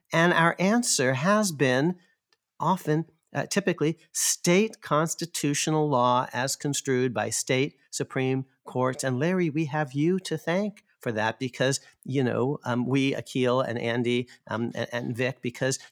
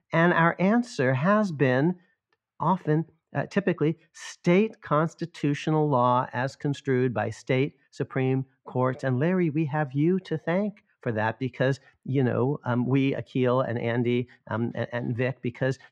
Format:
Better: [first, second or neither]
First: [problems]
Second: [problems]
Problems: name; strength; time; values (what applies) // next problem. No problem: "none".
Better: first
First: none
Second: muffled; very; fading above 2.5 kHz